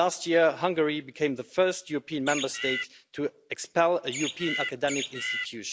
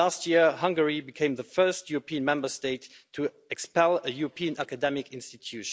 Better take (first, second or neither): second